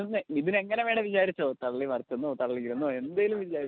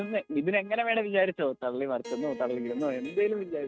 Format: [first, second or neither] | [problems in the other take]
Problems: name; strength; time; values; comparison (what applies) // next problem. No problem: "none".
first | noise reduction (neural mask model RNNoise)